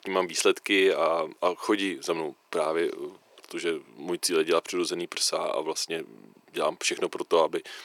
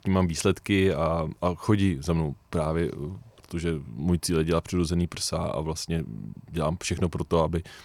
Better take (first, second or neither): second